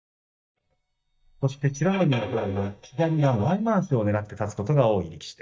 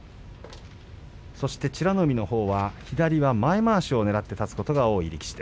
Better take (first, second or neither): second